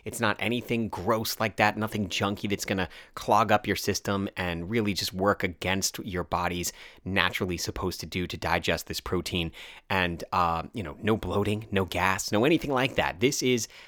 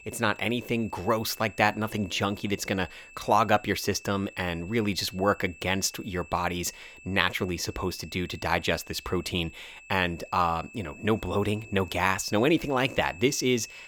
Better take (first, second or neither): first